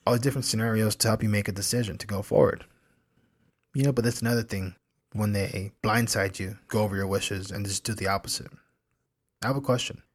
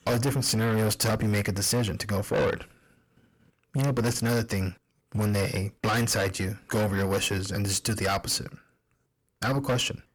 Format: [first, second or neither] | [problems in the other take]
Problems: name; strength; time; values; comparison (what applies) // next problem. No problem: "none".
first | distortion; heavy; 7 dB below the speech